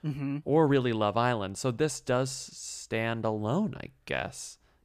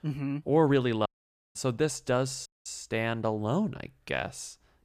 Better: first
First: none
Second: audio cutting out; at 1 s and at 2.5 s

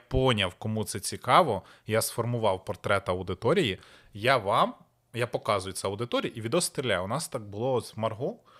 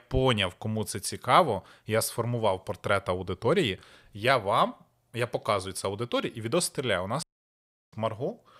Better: first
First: none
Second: audio cutting out; at 7 s for 0.5 s

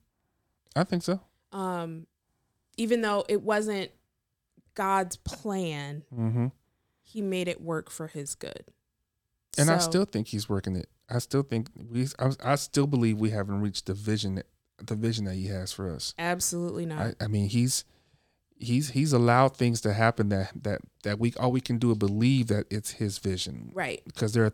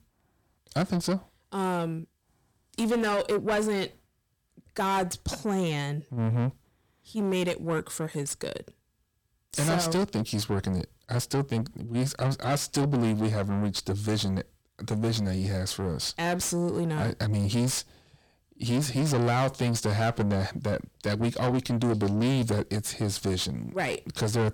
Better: first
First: none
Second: distortion; heavy; 6 dB below the speech

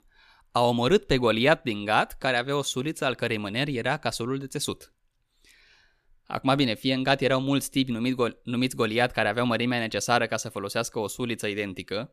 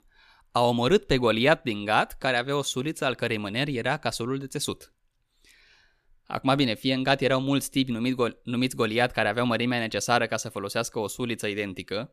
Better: neither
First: none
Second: none

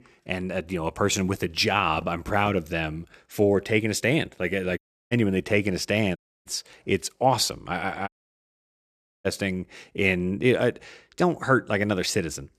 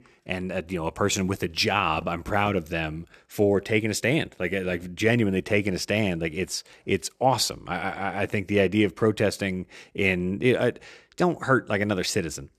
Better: second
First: audio cutting out; at 5 s, at 6 s and at 8 s for 1 s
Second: none

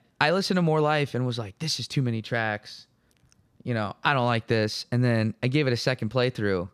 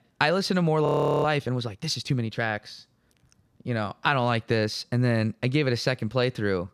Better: first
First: none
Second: audio freezing; at 1 s

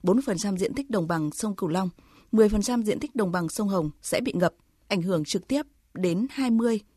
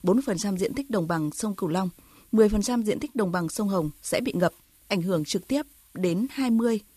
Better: first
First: none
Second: hiss; faint; throughout; 25 dB below the speech

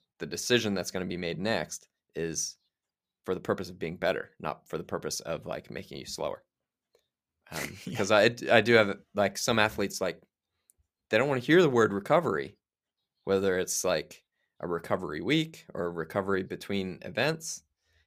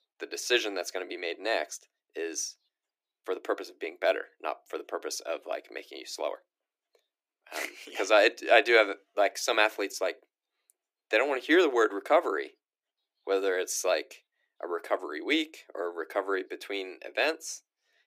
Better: first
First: none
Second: thin; somewhat; fading below 300 Hz

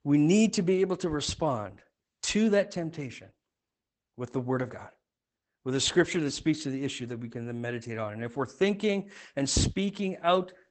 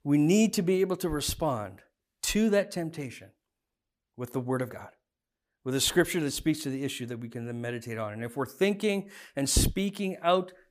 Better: second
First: garbled, watery; badly; nothing above 8 kHz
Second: none

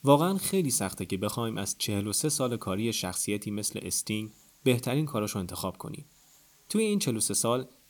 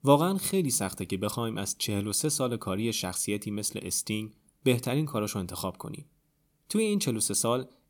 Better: second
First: hiss; faint; throughout; 30 dB below the speech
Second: none

